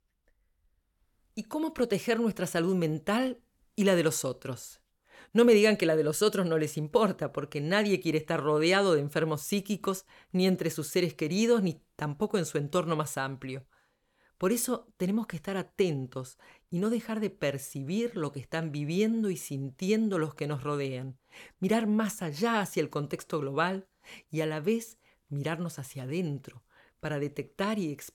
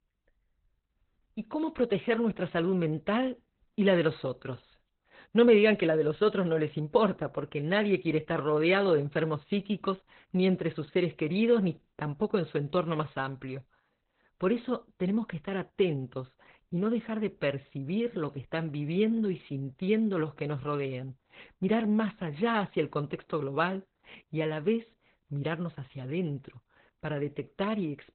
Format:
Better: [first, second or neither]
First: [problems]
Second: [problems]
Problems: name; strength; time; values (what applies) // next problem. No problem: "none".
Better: first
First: none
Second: garbled, watery; badly; nothing above 4 kHz